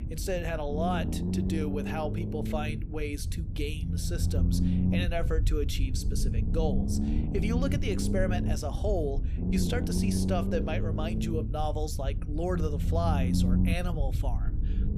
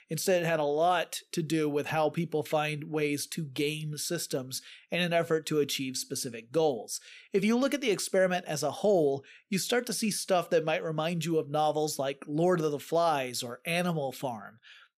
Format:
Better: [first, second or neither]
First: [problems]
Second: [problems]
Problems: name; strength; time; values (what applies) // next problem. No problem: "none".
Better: second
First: low rumble; loud; throughout; 5 dB below the speech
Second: none